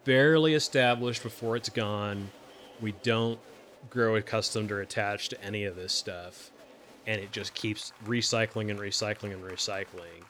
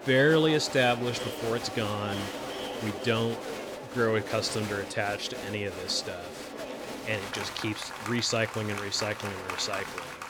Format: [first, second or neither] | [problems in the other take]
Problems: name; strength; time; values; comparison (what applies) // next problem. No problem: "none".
first | crowd noise; loud; throughout; 8 dB below the speech; faint in the first